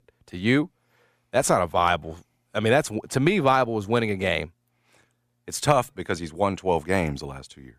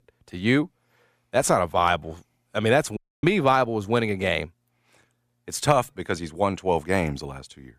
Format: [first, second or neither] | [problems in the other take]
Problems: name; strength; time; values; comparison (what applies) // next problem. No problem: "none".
first | audio cutting out; at 3 s